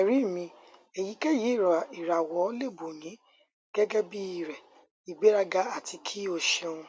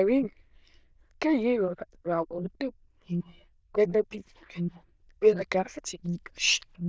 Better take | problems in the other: first | noise reduction (neural diffusion model UNIVERSE++)

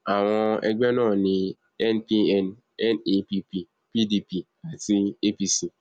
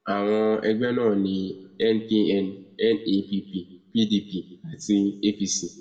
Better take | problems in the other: first | room echo; dies away in 0.7 s

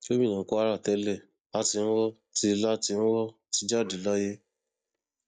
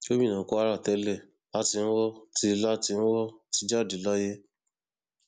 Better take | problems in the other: second | noise reduction (neural mask model DeepFilterNet 3)

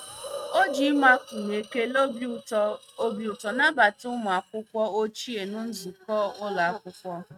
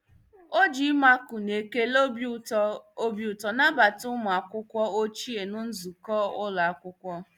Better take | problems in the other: second | noise reduction (neural mask model RNNoise)

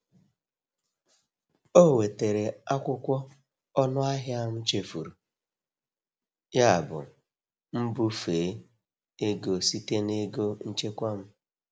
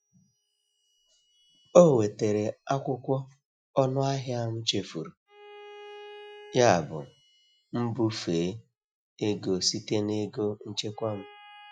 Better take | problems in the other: first | noise reduction (classical method Wiener filter)

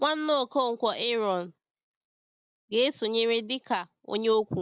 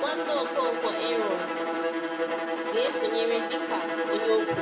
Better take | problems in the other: first | background sound (Bowed string instrument); 1 dB above the speech // room echo; dies away in 0.5 s

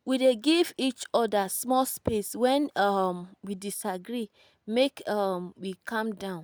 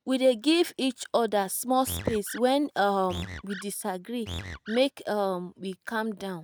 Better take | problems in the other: first | noise reduction (neural mask model RNNoise)

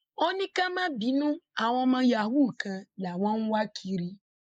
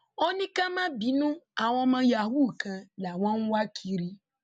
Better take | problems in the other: second | noise reduction (neural mask model Resemble Enhance denoiser)

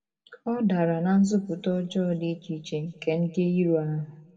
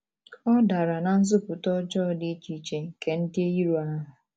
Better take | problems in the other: second | room echo; dies away in 2.3 s

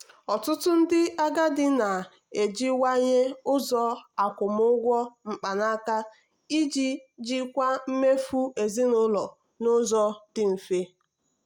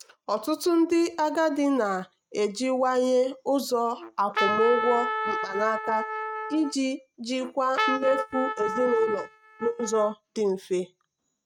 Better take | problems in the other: first | noise reduction (neural mask model RNNoise)

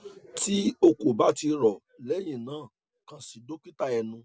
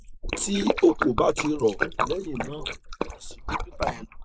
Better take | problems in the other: first | noise reduction (neural mask model Resemble Enhance denoiser)

